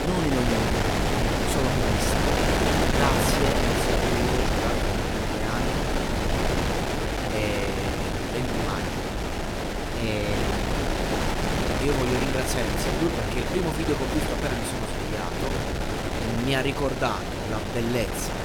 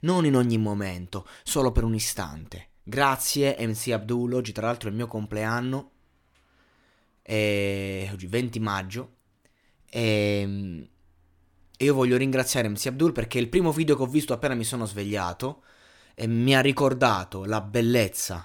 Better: second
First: wind noise on the microphone; heavy; 4 dB above the speech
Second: none

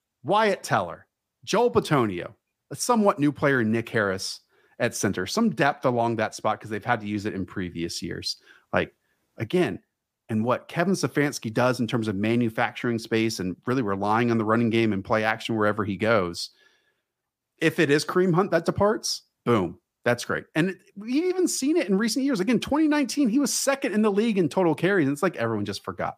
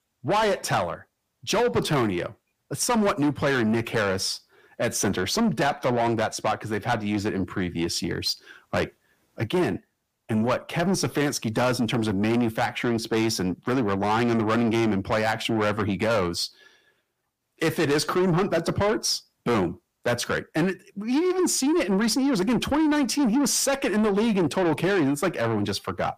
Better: first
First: none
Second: distortion; heavy; 8 dB below the speech

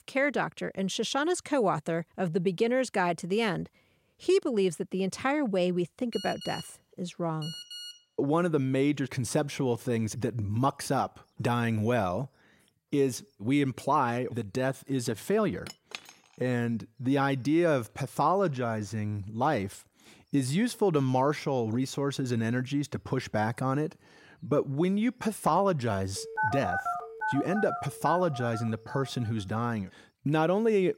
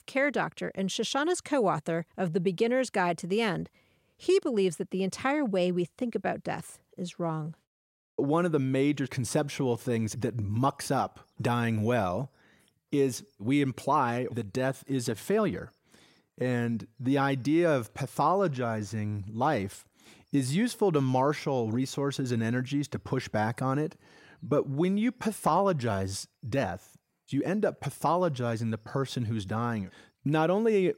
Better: second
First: phone ringing; noticeable; from 6 to 8 s and from 26 to 29 s; peak 1 dB below the speech // clattering dishes; faint; at 16 s; peak 15 dB below the speech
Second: none

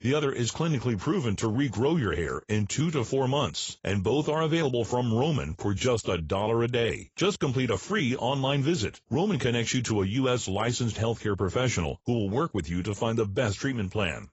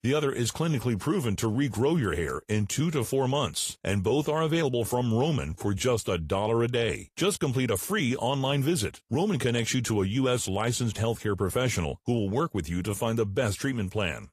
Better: second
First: garbled, watery; badly; nothing above 7.5 kHz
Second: garbled, watery; slightly; nothing above 14.5 kHz

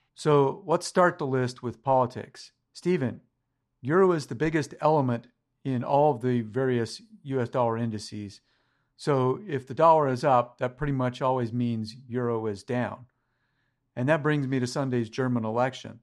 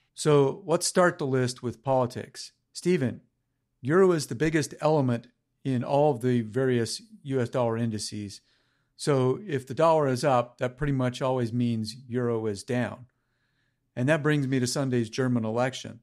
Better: second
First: muffled; very slightly; fading above 2 kHz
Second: none

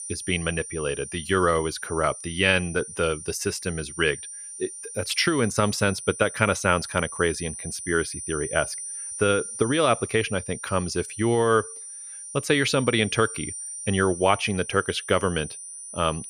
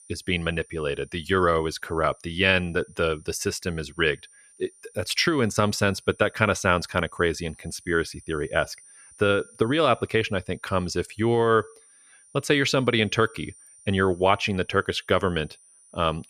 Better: second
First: high-pitched whine; loud; throughout; 9.5 kHz, 10 dB below the speech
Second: high-pitched whine; faint; throughout; 9.5 kHz, 25 dB below the speech

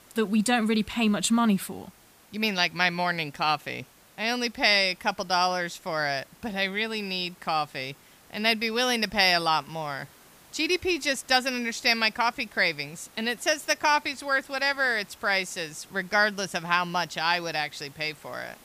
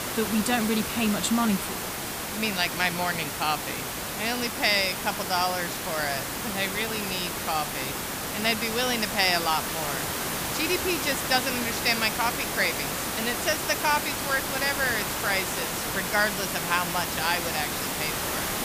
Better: first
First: hiss; faint; throughout; 25 dB below the speech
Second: hiss; loud; throughout; 2 dB below the speech

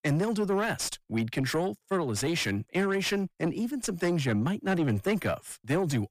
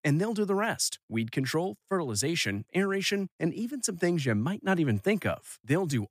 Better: second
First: distortion; slight; 10 dB below the speech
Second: none

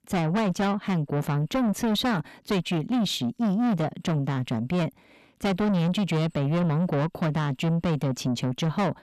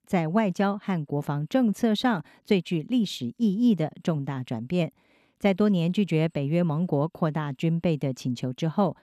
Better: second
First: distortion; heavy; 7 dB below the speech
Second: none

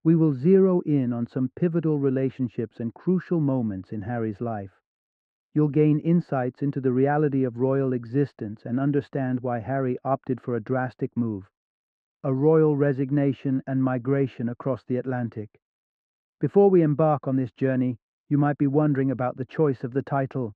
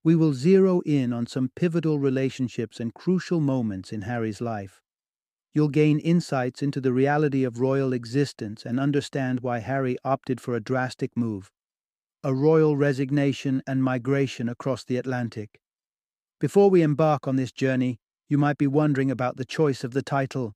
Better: second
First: muffled; very; fading above 3.5 kHz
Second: none

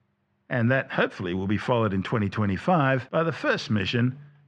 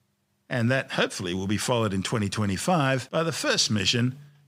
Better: second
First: muffled; very; fading above 2 kHz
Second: none

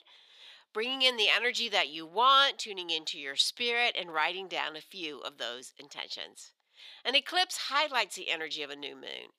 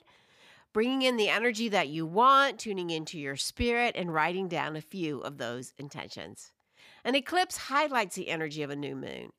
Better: second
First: thin; somewhat; fading below 450 Hz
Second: none

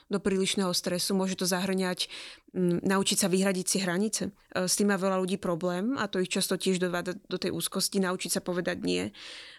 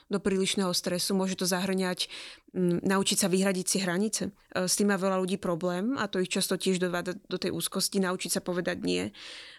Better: neither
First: none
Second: none

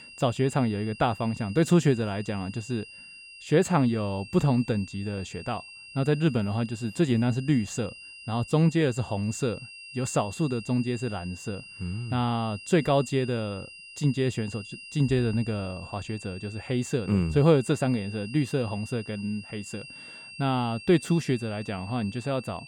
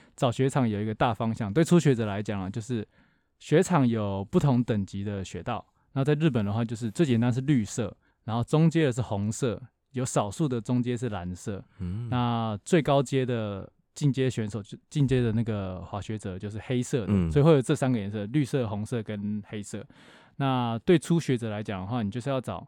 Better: second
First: high-pitched whine; noticeable; throughout; 3 kHz, 15 dB below the speech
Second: none

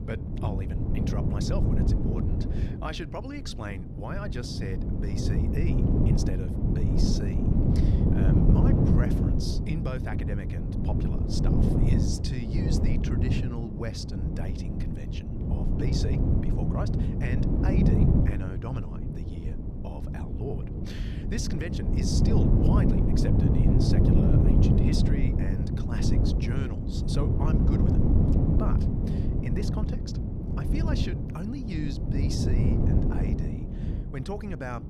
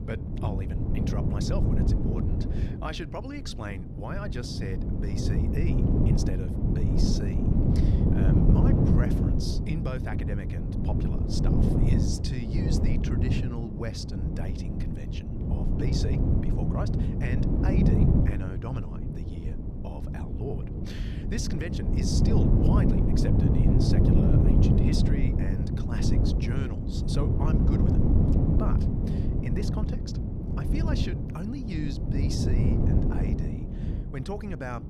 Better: neither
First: wind noise on the microphone; heavy; 4 dB above the speech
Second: wind noise on the microphone; heavy; 4 dB above the speech

